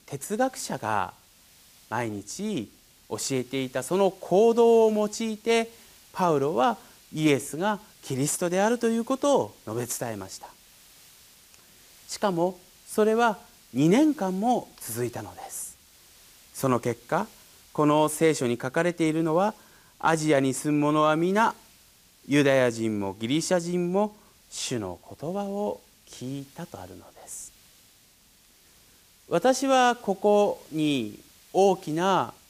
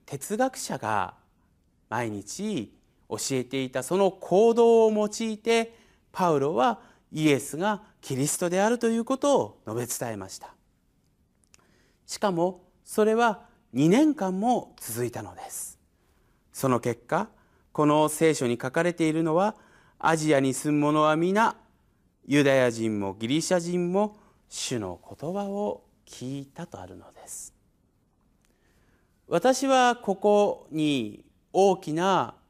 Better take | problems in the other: second | hiss; faint; throughout; 25 dB below the speech

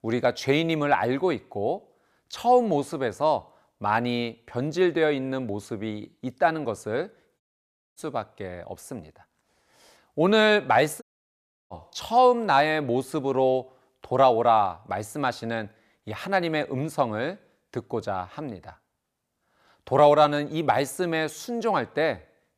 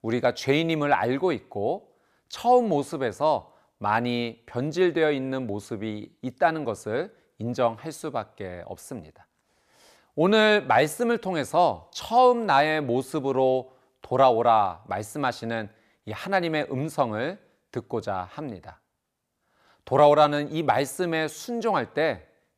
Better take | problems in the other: second | audio cutting out; at 7.5 s for 0.5 s and at 11 s for 0.5 s

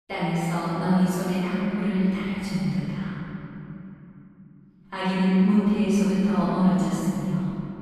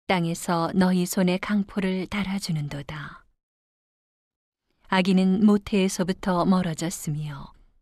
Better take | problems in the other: second | off-mic speech; far // room echo; strong; dies away in 3 s

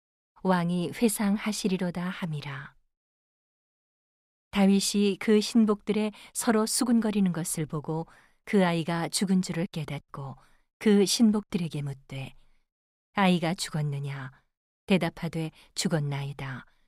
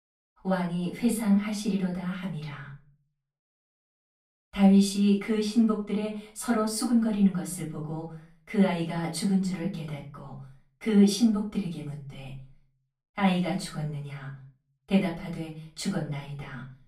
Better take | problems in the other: first | off-mic speech; far // room echo; slight; dies away in 0.4 s

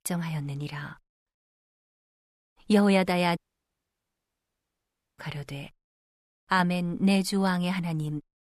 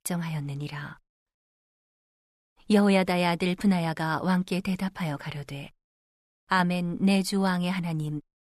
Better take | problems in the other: second | audio cutting out; at 3.5 s for 2 s

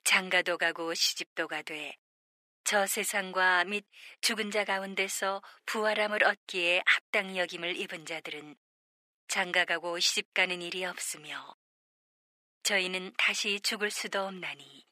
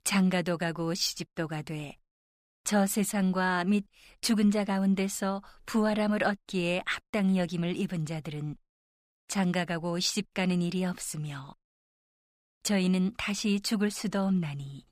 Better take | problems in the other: second | thin; very; fading below 400 Hz

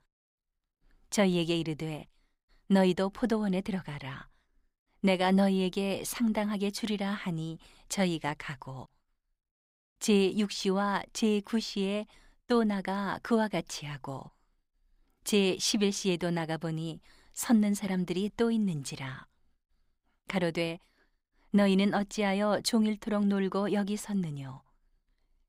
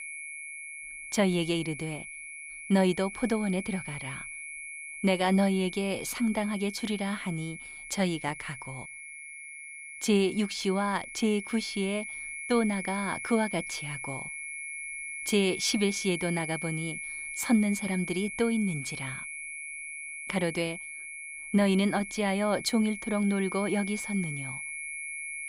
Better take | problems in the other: first | high-pitched whine; loud; throughout; 2 kHz, 8 dB below the speech

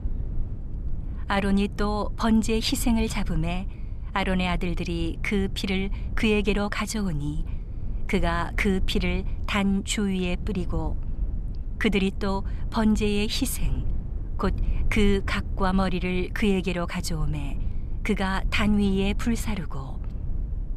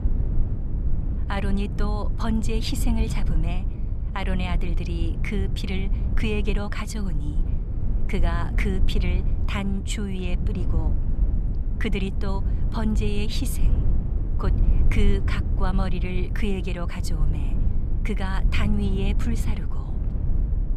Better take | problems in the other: first | low rumble; loud; throughout; 9 dB below the speech; faint in the first

